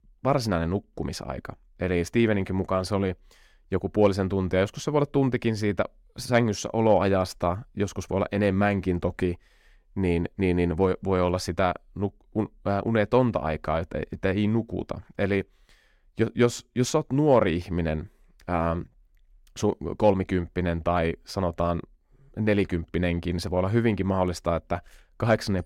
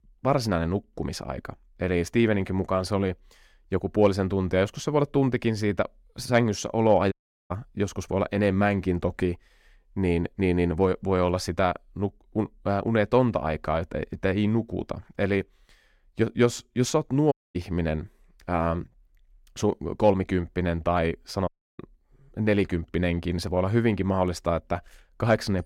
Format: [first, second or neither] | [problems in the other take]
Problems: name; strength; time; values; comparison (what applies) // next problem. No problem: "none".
first | audio cutting out; at 7 s, at 17 s and at 21 s